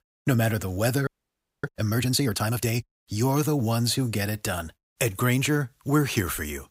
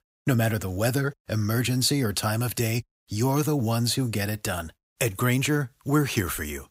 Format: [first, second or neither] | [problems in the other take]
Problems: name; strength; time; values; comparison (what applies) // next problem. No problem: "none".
second | audio freezing; at 1 s for 0.5 s